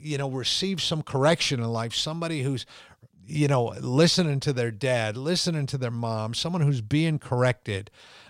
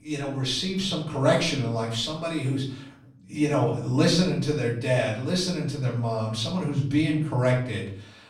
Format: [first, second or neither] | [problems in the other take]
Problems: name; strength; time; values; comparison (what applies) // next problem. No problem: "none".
first | off-mic speech; far // room echo; slight; dies away in 0.5 s